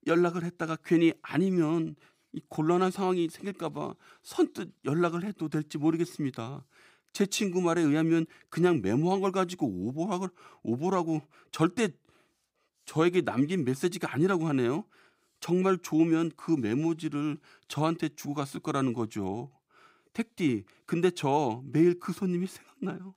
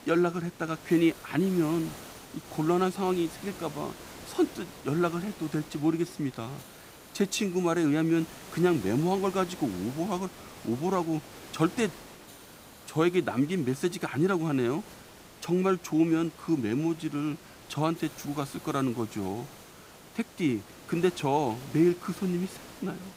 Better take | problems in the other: first | hiss; noticeable; throughout; 15 dB below the speech

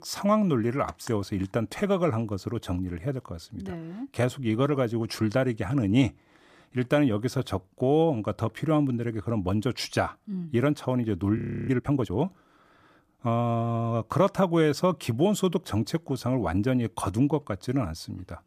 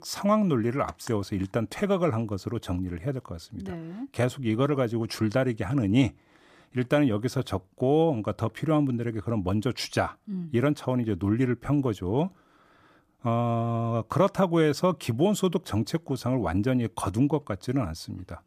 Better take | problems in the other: second | audio freezing; at 11 s

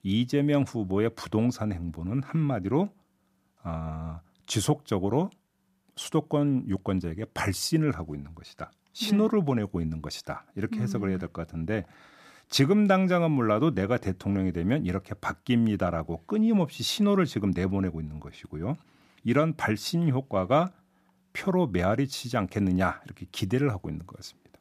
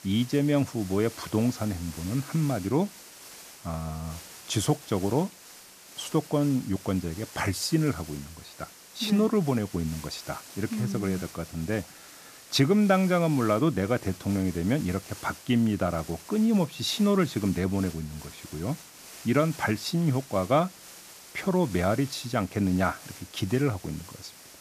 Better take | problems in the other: first | hiss; noticeable; throughout; 15 dB below the speech

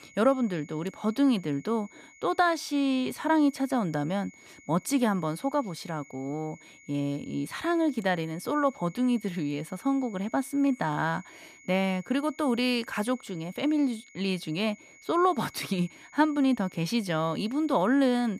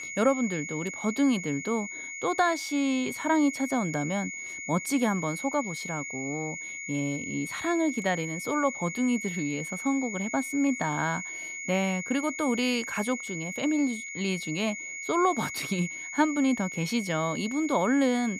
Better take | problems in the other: first | high-pitched whine; loud; throughout; 2 kHz, 7 dB below the speech; faint in the first

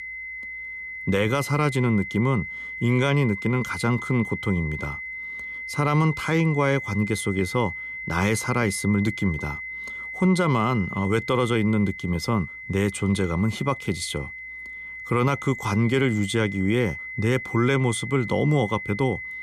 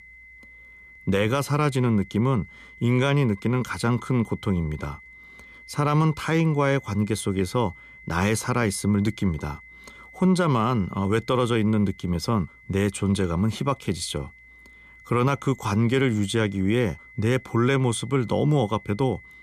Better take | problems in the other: second | high-pitched whine; loud; throughout; 2 kHz, 9 dB below the speech; faint in the second

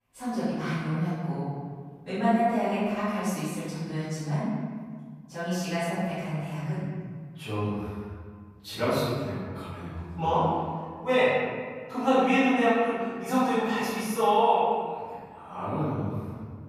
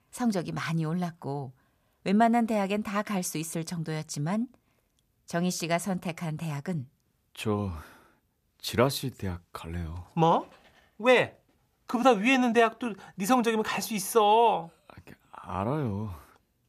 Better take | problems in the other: second | room echo; strong; dies away in 1.8 s // off-mic speech; far

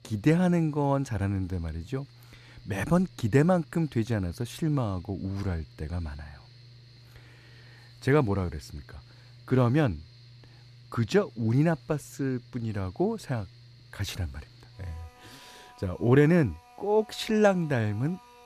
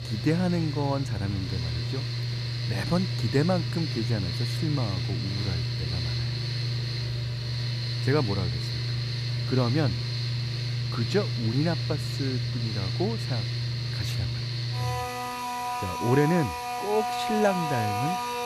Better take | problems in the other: first | machinery noise; loud; throughout; as loud as the speech; faint in the first

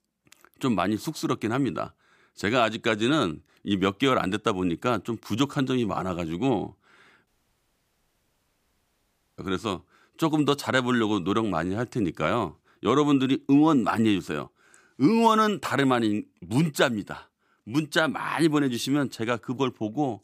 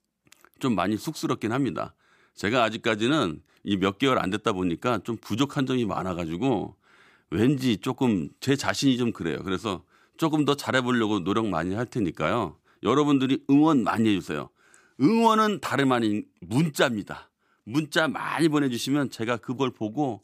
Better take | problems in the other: second | audio cutting out; at 7.5 s for 2 s

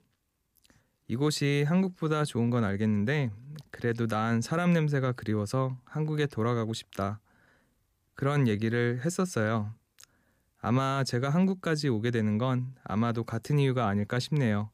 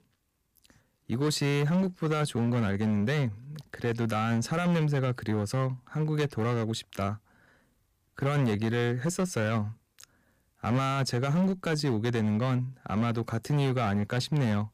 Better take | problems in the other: first | distortion; slight; 12% of the sound clipped

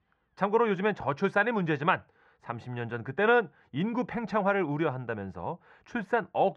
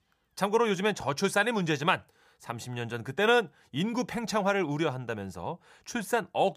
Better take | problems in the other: second | muffled; very; fading above 2 kHz

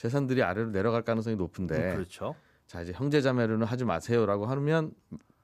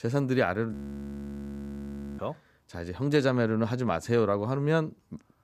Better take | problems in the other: first | audio freezing; at 0.5 s for 1.5 s

